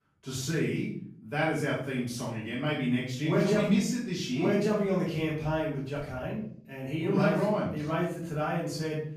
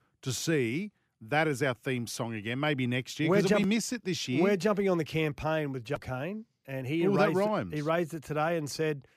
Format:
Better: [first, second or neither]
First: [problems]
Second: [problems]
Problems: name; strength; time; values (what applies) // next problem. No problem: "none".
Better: second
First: off-mic speech; far // room echo; noticeable; dies away in 0.6 s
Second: none